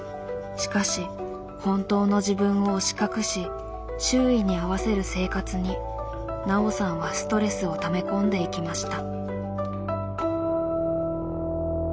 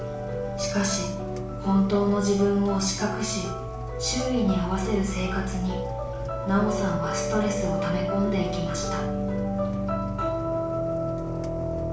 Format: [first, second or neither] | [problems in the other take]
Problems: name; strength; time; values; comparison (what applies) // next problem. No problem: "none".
first | background sound (Engine); 11 dB below the speech // room echo; dies away in 0.5 s